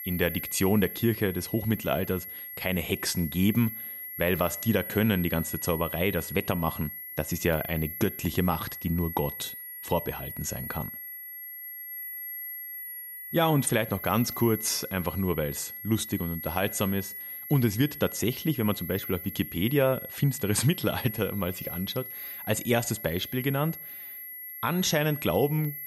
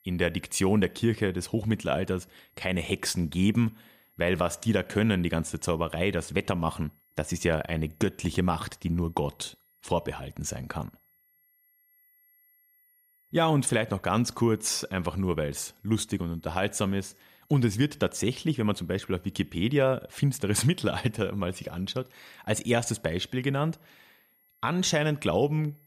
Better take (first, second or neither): second